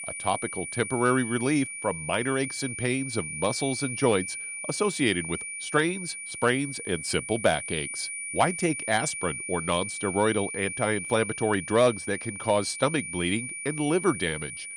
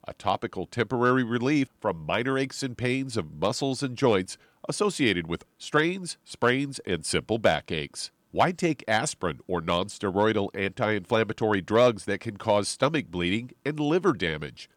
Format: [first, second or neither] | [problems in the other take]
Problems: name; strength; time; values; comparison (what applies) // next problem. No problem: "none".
second | high-pitched whine; loud; throughout; 2.5 kHz, 6 dB below the speech